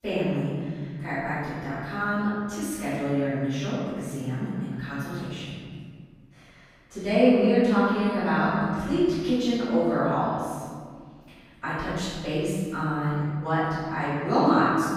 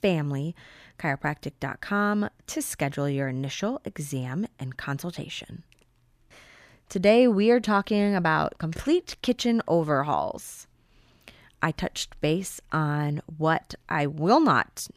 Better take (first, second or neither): second